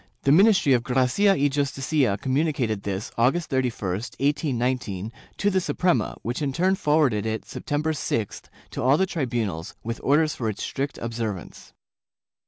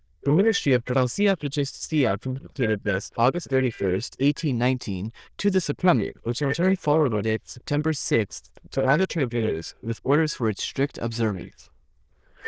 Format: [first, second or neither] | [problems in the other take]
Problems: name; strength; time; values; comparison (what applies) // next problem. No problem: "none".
first | noise reduction (neural diffusion model UNIVERSE++)